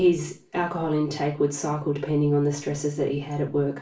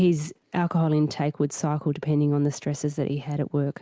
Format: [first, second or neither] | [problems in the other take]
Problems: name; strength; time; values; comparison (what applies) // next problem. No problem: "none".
second | room echo; dies away in 0.3 s